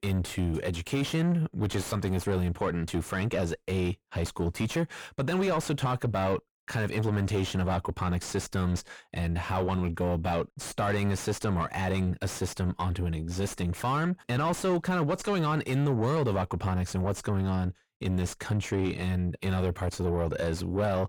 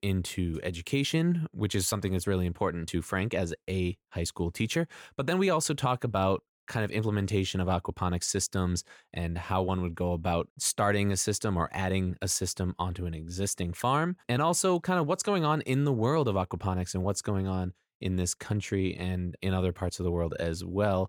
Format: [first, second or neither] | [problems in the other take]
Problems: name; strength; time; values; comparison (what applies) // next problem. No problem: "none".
second | distortion; heavy; 8 dB below the speech